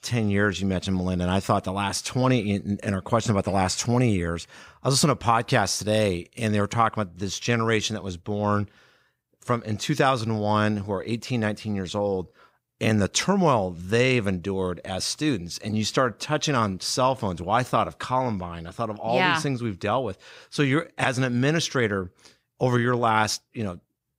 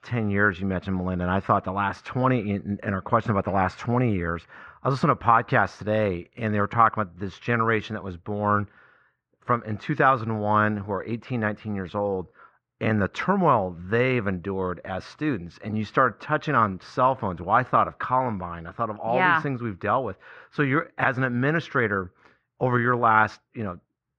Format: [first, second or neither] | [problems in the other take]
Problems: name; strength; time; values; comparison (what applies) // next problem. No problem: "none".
first | muffled; very; fading above 1.5 kHz